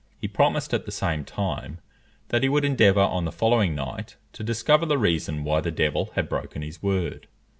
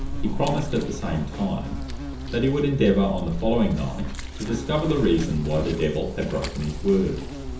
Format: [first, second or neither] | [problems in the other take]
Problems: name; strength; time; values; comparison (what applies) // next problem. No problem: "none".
first | background sound (Insect); 6 dB below the speech // room echo; dies away in 0.6 s